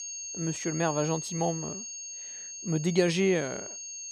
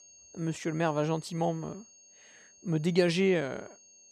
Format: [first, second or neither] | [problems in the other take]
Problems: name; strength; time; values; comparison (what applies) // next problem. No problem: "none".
second | high-pitched whine; loud; throughout; 6.5 kHz, 8 dB below the speech; faint in the second